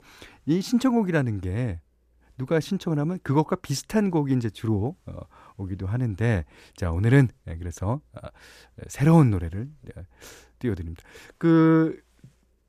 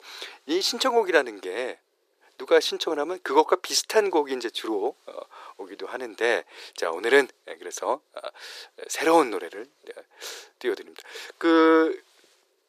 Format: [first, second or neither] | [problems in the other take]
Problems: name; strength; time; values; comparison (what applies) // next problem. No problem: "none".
first | thin; very; fading below 400 Hz